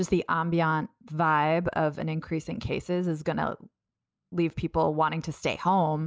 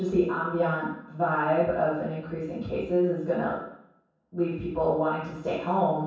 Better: first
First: none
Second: room echo; dies away in 0.7 s

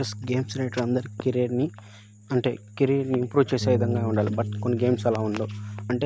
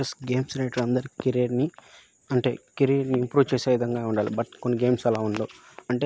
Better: second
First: background sound (Bass guitar); 8 dB below the speech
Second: none

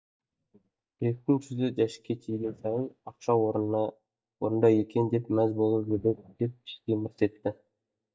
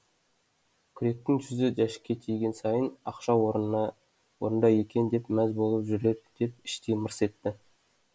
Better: second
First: noise reduction (neural mask model DeepFilterNet 3)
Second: none

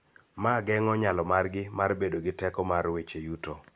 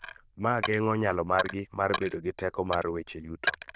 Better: first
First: none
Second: noise reduction (neural diffusion model UNIVERSE++)

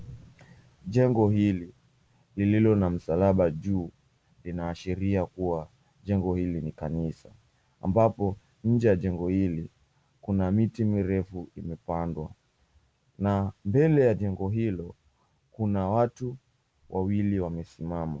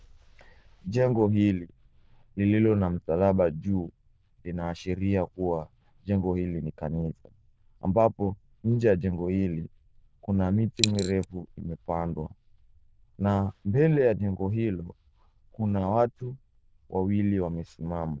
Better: first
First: none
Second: noise reduction (neural diffusion model UNIVERSE++)

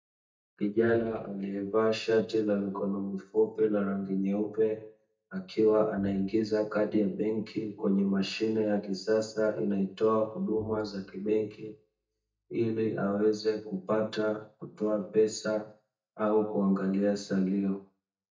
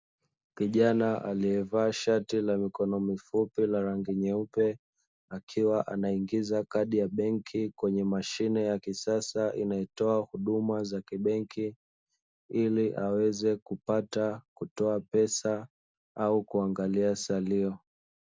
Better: second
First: noise reduction (neural mask model DeepFilterNet 3)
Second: none

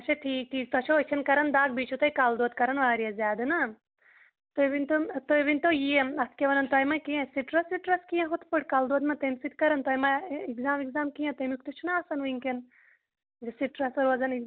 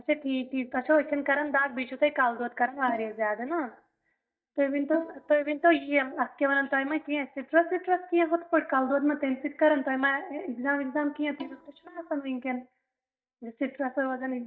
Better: first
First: none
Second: noise reduction (neural mask model DeepFilterNet 3)

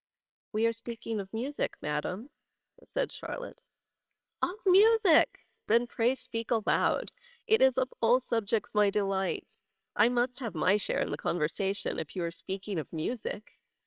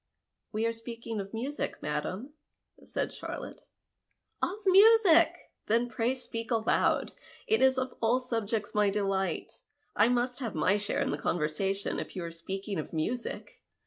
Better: second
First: noise reduction (neural separator model SepFormer WHAMR!)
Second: none

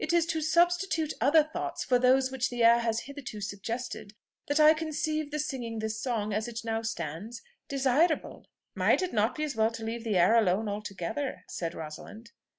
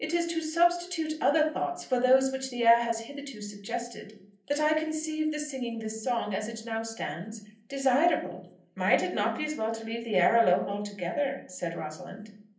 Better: first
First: none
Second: room echo; dies away in 0.6 s

